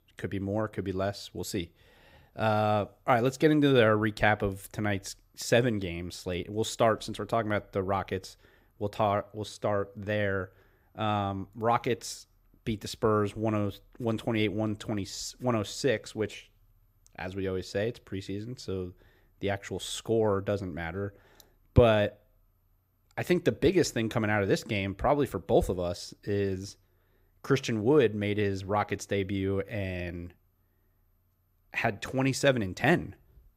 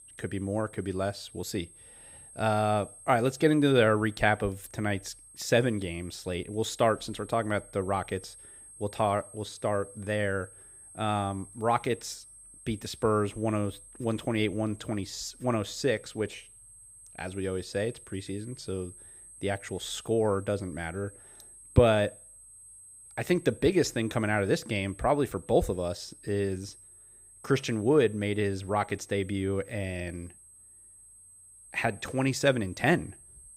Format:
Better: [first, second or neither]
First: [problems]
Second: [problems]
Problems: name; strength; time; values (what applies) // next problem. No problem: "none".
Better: first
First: none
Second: high-pitched whine; noticeable; throughout; 8.5 kHz, 20 dB below the speech